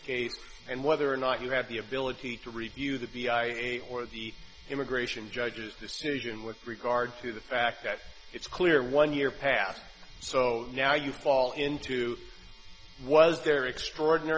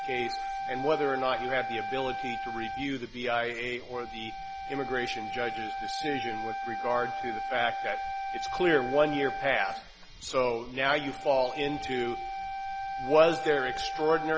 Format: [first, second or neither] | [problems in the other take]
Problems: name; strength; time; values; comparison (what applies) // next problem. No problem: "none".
first | background sound (Wind instrument, woodwind instrument); 5 dB below the speech